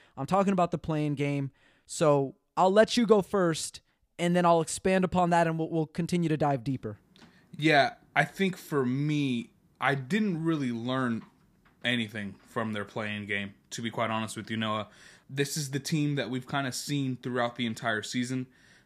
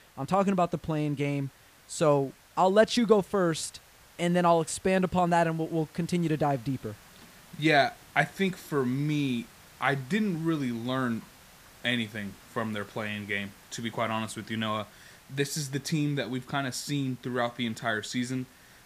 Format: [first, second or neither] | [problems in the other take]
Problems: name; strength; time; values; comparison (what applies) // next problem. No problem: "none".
first | hiss; faint; throughout; 25 dB below the speech